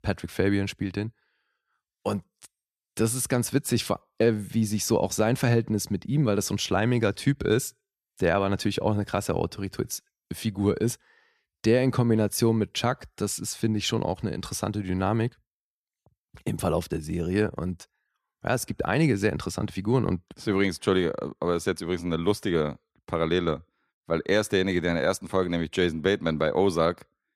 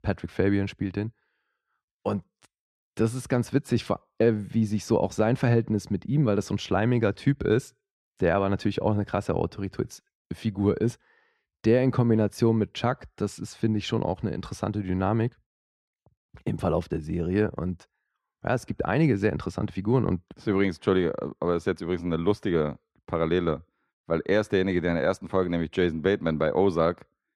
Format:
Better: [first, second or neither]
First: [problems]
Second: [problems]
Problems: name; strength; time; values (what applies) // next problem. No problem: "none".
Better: first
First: none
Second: muffled; slightly; fading above 2 kHz